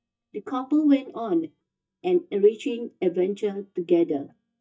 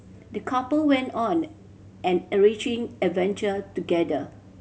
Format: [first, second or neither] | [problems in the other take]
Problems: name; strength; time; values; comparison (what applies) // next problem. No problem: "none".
second | noise reduction (neural mask model DeepFilterNet 3)